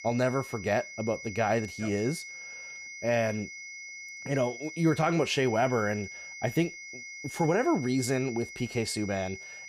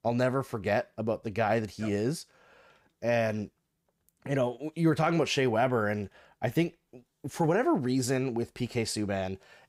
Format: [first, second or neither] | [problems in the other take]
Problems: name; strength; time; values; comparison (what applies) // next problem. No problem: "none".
second | high-pitched whine; noticeable; throughout; 2 kHz, 10 dB below the speech